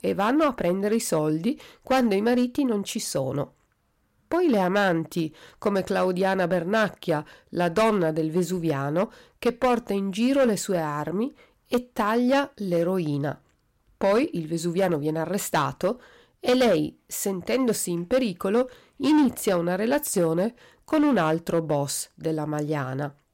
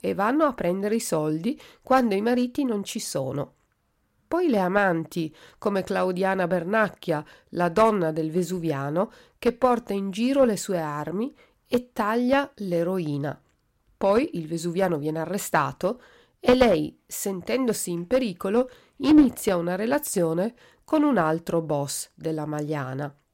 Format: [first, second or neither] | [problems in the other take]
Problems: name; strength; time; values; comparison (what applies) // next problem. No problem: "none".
second | distortion; slight; 4% of the sound clipped